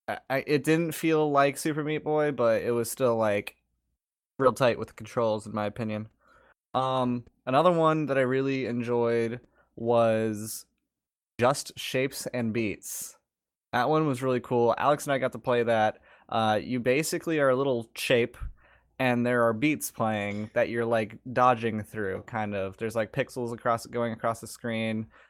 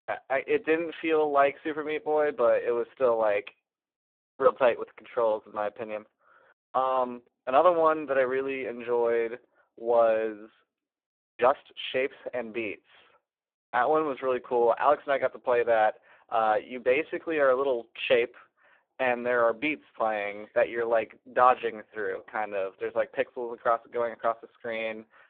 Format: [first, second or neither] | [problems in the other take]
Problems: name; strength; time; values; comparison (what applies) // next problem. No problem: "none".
first | phone-call audio; poor line